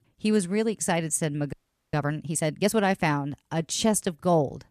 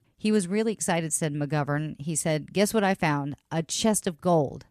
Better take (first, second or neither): second